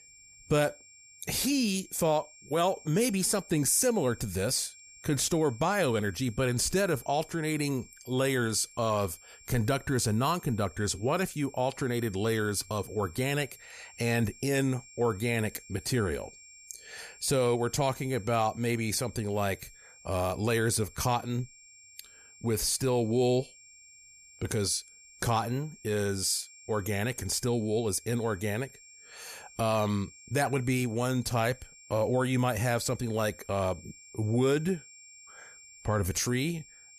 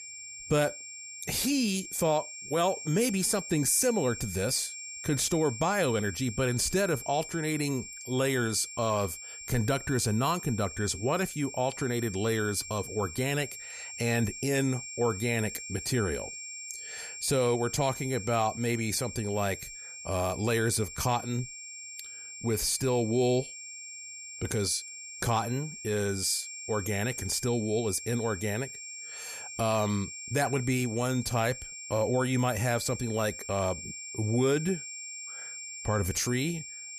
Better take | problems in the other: first | high-pitched whine; loud; throughout; 7.5 kHz, 10 dB below the speech; faint in the first

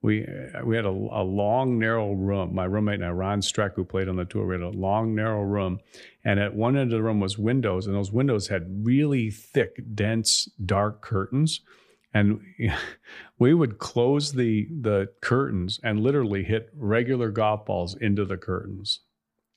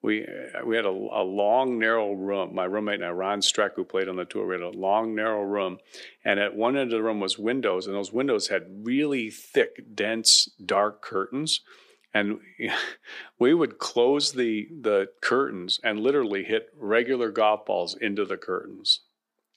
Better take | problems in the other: first | thin; somewhat; fading below 300 Hz

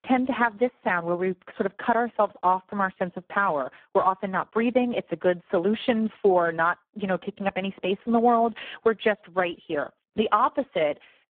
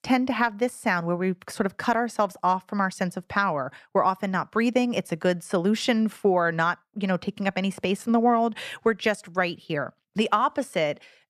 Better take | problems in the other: second | phone-call audio; poor line

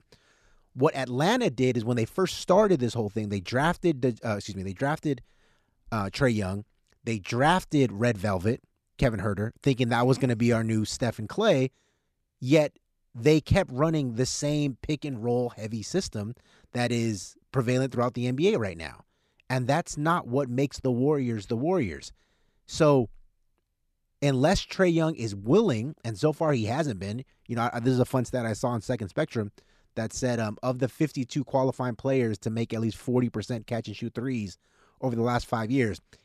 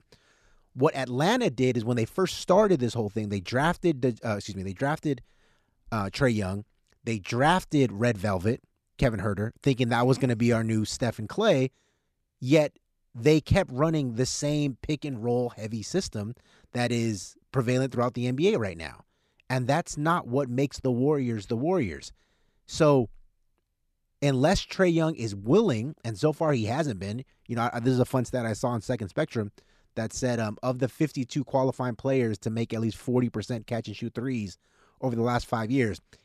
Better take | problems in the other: neither | none

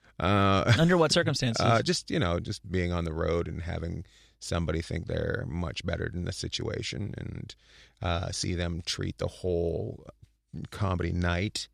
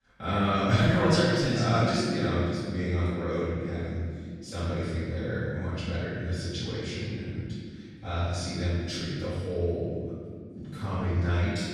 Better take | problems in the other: first | room echo; strong; dies away in 2.4 s // off-mic speech; far

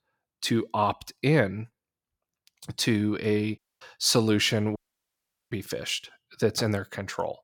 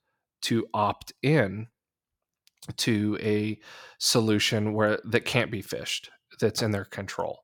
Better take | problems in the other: second | audio cutting out; at 3.5 s and at 5 s for 1 s

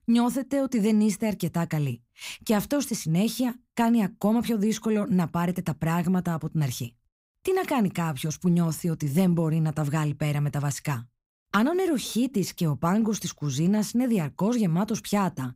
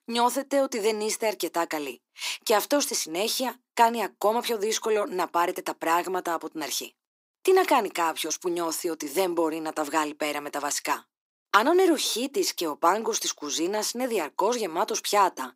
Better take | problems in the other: first | thin; very; fading below 300 Hz

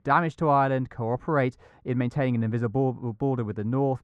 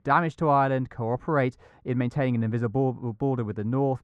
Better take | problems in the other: neither | muffled; very; fading above 2.5 kHz; the same in both

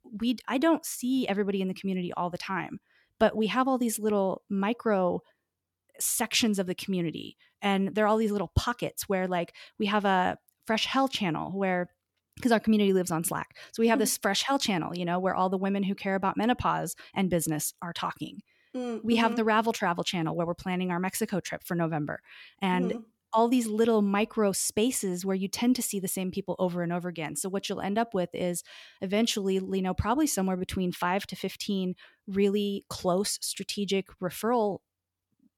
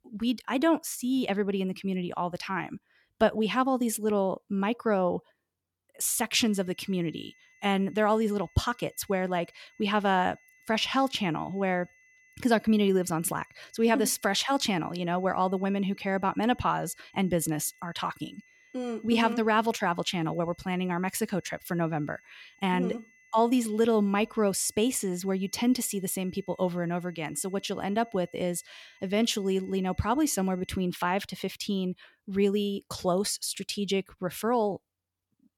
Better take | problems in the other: first | high-pitched whine; faint; from 6.5 to 31 s; 2 kHz, 30 dB below the speech

